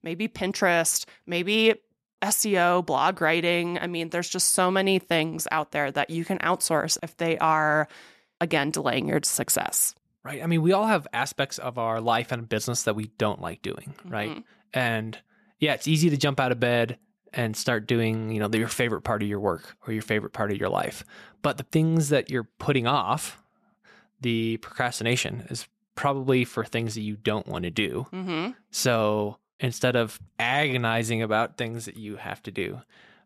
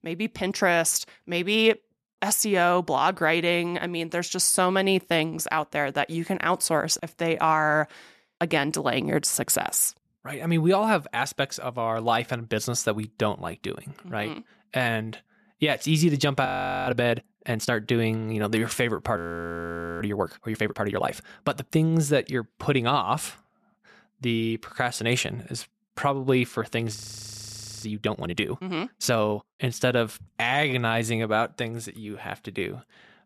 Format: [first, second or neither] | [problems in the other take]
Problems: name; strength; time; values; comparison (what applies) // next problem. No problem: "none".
first | audio freezing; at 16 s, at 19 s for 1 s and at 27 s for 1 s